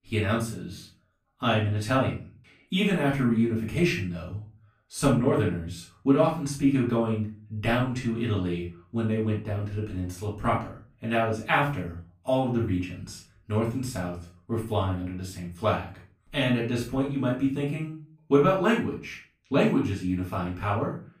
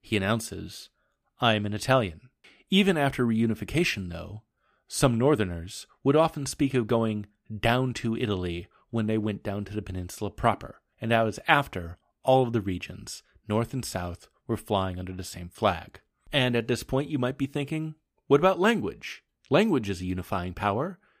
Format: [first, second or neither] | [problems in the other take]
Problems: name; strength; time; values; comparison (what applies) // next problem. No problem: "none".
second | off-mic speech; far // room echo; slight; dies away in 0.3 s